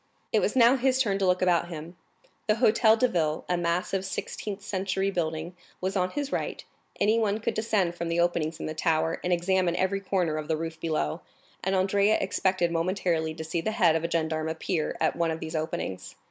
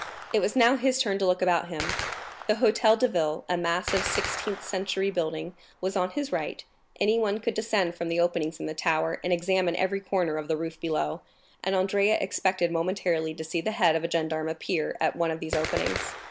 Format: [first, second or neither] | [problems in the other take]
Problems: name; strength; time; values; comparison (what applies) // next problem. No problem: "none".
first | background sound (Gunshot, gunfire); 13 dB below the speech